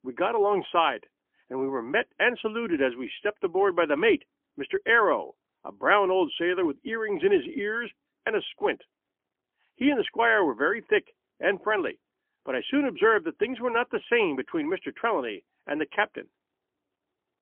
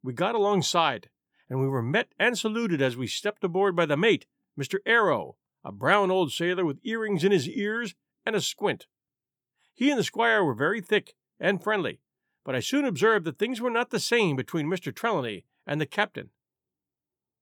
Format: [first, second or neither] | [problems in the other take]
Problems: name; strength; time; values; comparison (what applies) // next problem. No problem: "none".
second | phone-call audio; poor line; nothing above 3.5 kHz